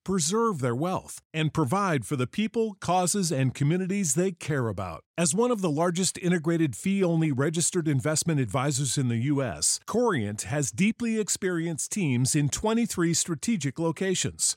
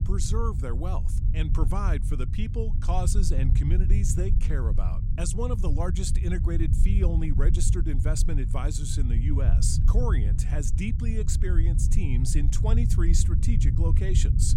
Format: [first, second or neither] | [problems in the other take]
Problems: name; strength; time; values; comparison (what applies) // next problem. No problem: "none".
first | low rumble; loud; throughout; 6 dB below the speech